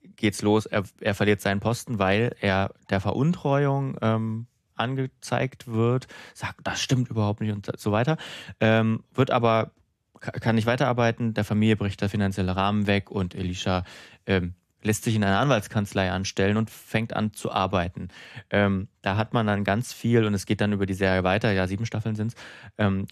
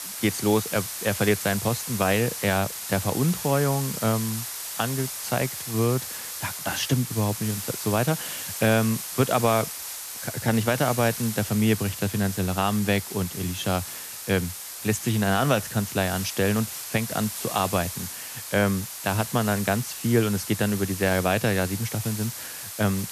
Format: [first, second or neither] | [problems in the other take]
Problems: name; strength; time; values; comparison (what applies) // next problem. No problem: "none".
first | hiss; loud; throughout; 7 dB below the speech